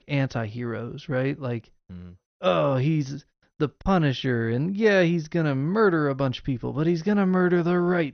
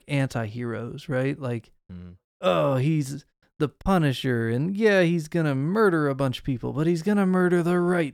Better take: second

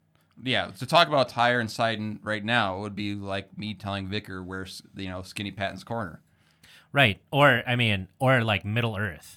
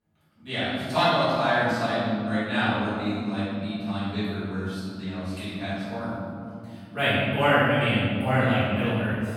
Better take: first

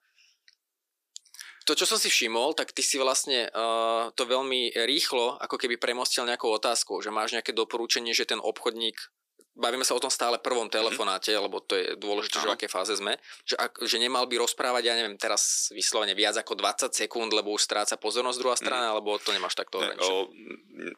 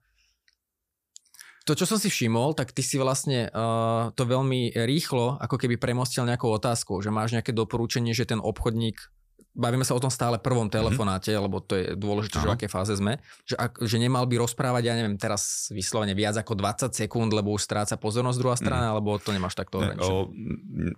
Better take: second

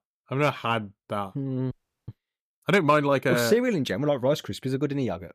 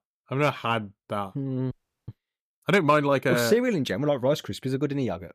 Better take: neither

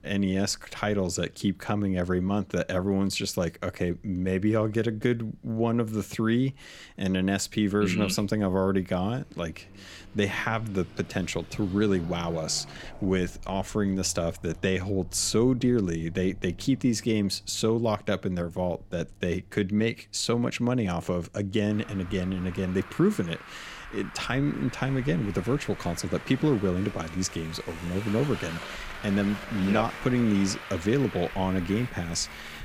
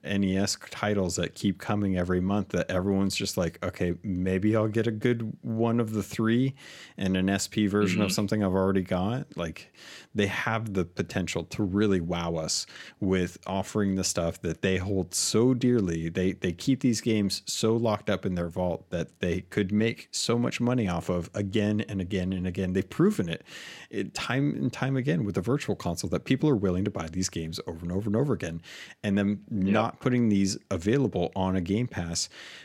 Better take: second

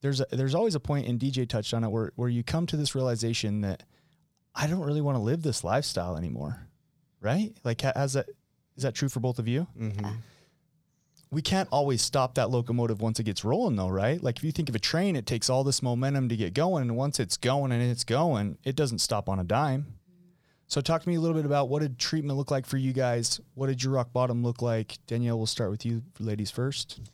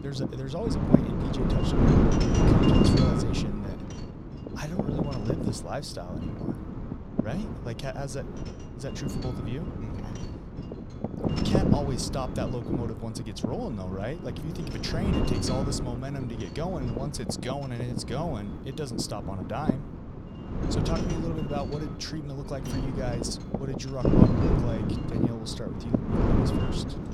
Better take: first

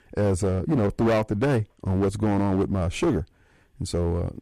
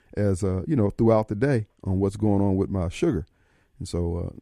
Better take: second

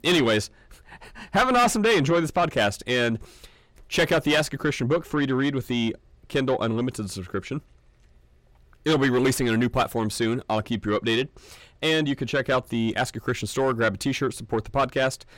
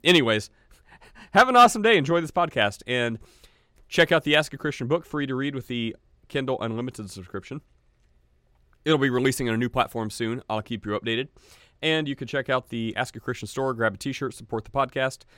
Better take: second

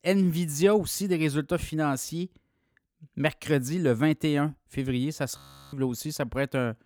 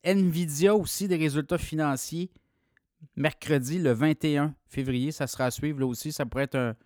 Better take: second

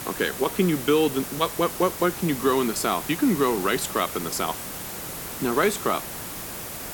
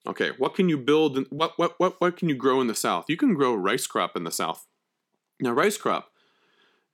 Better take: second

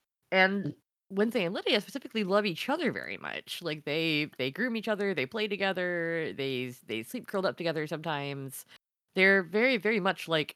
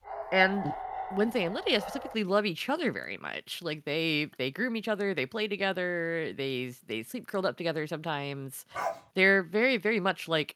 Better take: first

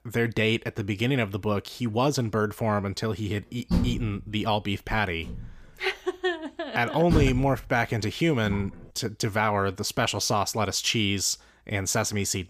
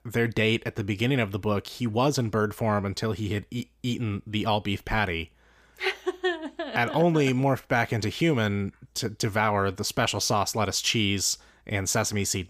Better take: second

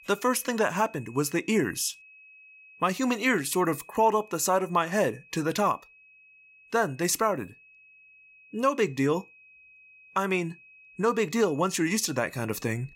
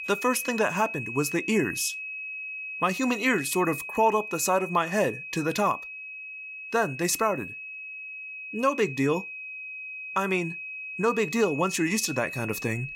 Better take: first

